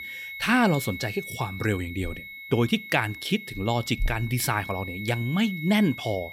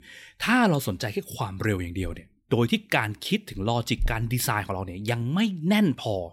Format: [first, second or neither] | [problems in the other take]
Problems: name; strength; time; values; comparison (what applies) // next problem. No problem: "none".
second | high-pitched whine; noticeable; throughout; 2 kHz, 10 dB below the speech